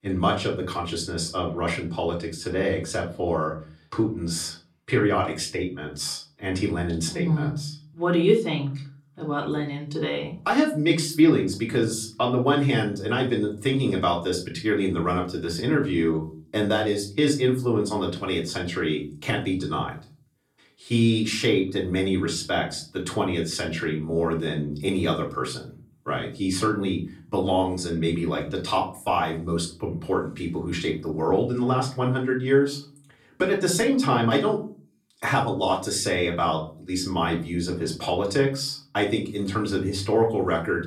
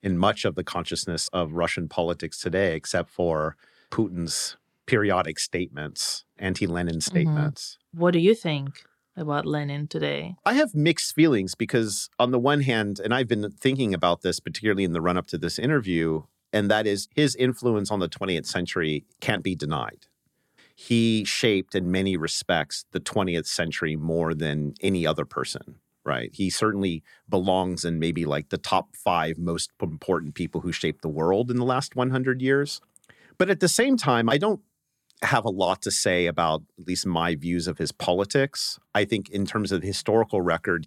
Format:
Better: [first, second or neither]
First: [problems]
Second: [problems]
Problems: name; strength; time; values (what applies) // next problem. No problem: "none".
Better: second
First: off-mic speech; far // room echo; very slight; dies away in 0.3 s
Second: none